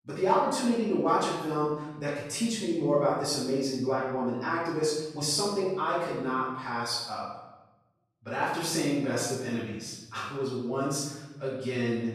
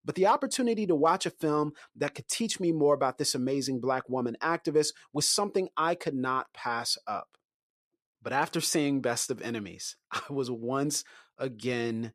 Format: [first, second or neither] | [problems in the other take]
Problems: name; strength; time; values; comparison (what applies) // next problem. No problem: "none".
second | off-mic speech; far // room echo; noticeable; dies away in 1 s